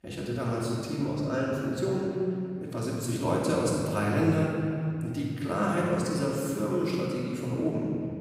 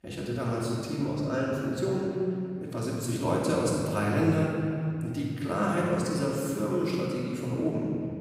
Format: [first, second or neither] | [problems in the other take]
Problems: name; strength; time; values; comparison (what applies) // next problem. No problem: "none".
neither | off-mic speech; far; the same in both // room echo; strong; dies away in 2.4 s; the same in both